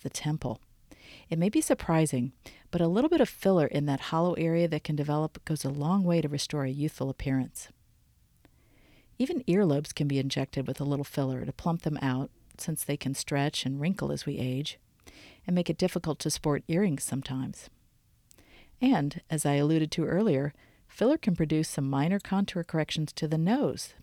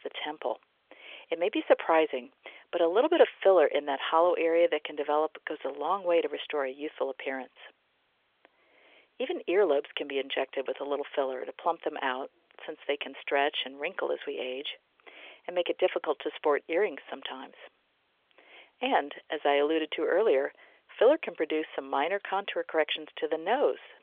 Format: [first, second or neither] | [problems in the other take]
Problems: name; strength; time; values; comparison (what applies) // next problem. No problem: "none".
first | phone-call audio; nothing above 3.5 kHz